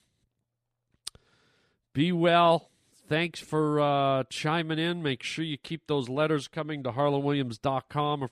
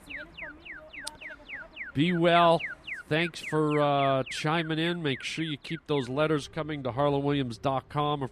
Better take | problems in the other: first | alarms or sirens; noticeable; throughout; 10 dB below the speech

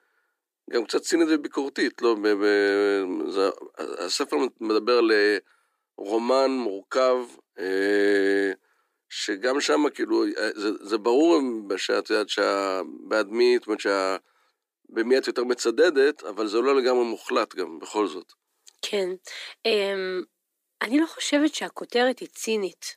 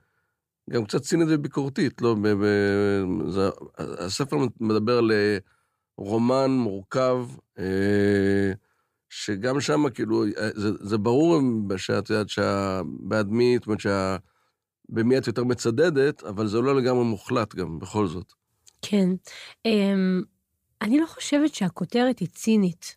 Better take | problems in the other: second | thin; somewhat; fading below 300 Hz

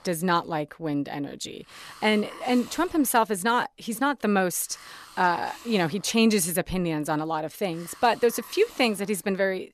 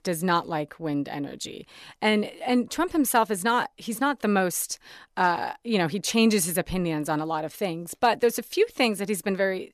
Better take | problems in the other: second | hiss; faint; throughout; 20 dB below the speech

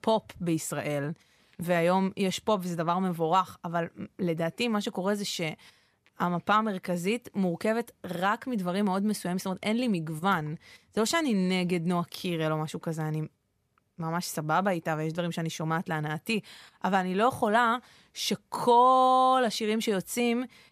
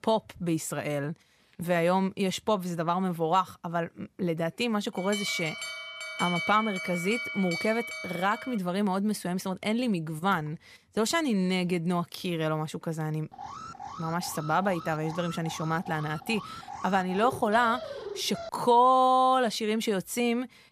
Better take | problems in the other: first | alarm; noticeable; from 5 to 8.5 s and from 13 to 18 s; peak 2 dB below the speech

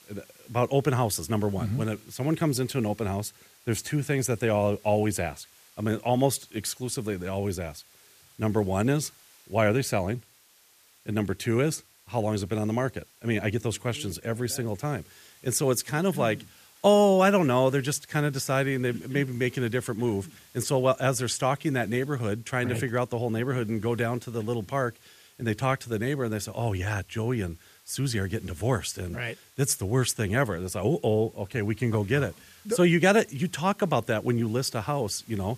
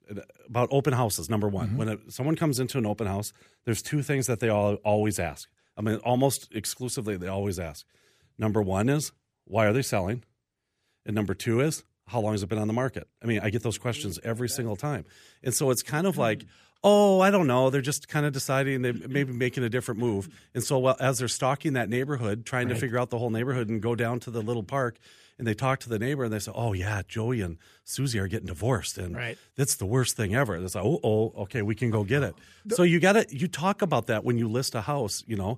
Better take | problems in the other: second | hiss; faint; throughout; 25 dB below the speech

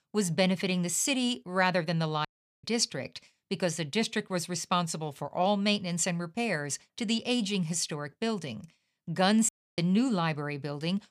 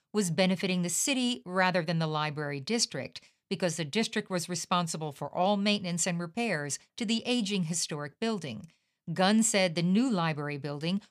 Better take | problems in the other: second | audio cutting out; at 2.5 s and at 9.5 s

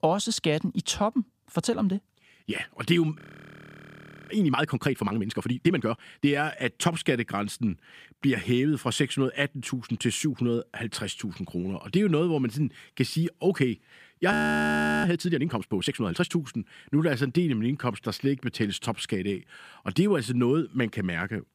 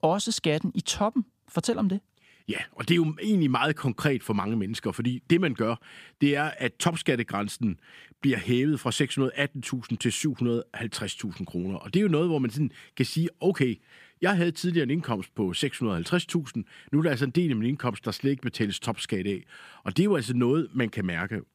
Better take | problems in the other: second | audio freezing; at 3 s for 1 s and at 14 s for 0.5 s

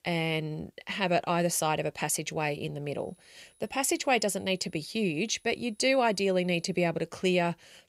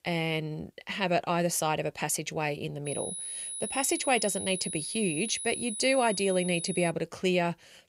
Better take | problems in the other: first | high-pitched whine; loud; from 3 to 7 s; 10.5 kHz, 6 dB below the speech; faint in the first

